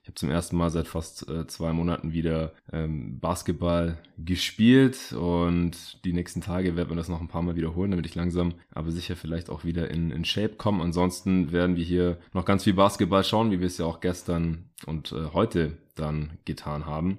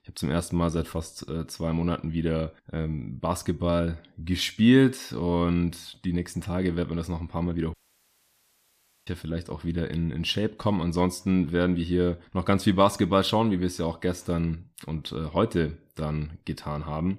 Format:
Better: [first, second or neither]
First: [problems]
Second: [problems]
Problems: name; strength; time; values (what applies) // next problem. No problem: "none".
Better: first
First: none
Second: audio cutting out; at 7.5 s for 1.5 s